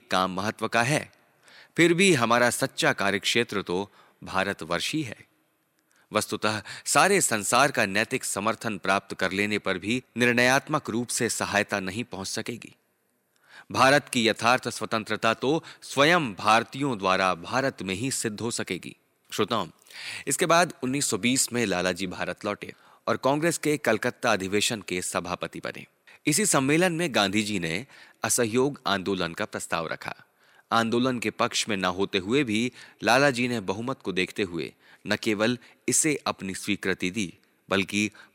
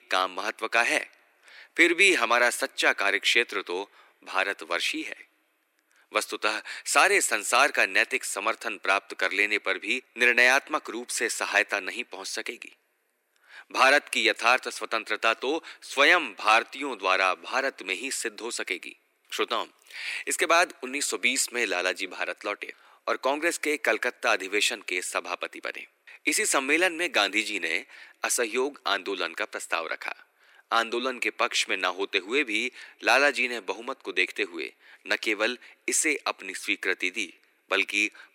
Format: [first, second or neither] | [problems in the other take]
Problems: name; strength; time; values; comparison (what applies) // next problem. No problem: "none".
first | thin; somewhat; fading below 300 Hz